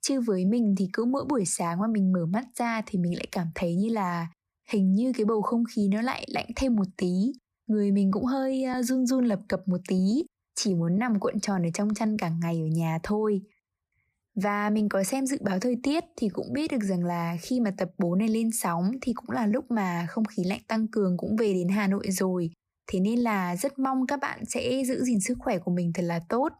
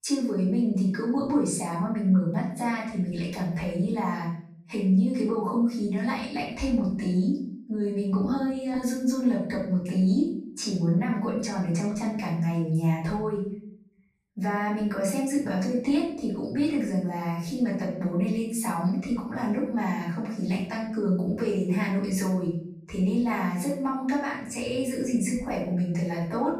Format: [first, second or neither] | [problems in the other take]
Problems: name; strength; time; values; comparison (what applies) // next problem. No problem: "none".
first | off-mic speech; far // room echo; noticeable; dies away in 0.5 s